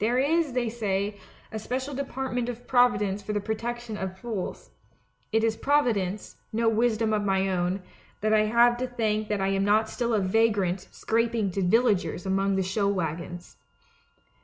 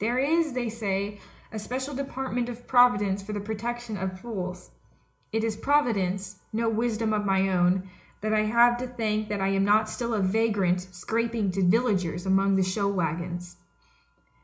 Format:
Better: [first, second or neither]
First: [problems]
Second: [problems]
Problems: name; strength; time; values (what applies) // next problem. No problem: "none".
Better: first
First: none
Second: room echo; dies away in 0.4 s